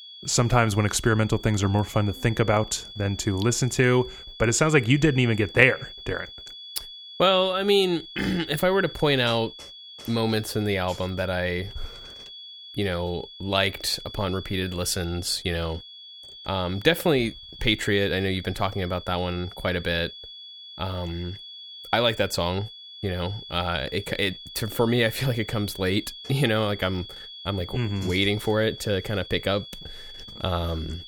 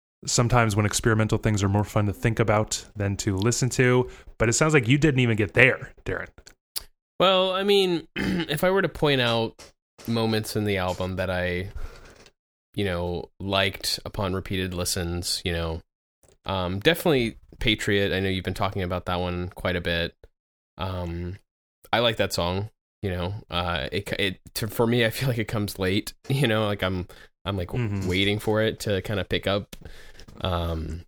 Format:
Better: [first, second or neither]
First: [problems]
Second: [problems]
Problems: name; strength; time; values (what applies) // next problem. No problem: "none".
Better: second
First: high-pitched whine; noticeable; throughout; 3.5 kHz, 15 dB below the speech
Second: none